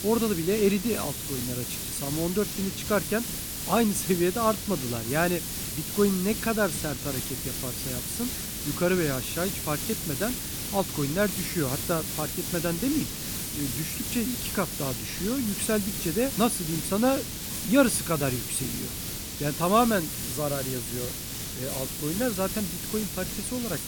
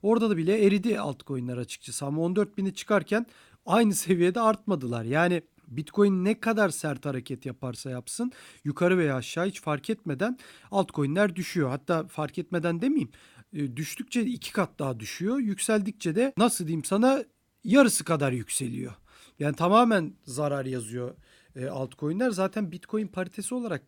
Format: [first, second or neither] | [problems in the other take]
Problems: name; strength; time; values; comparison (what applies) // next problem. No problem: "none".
second | hiss; loud; throughout; 3 dB below the speech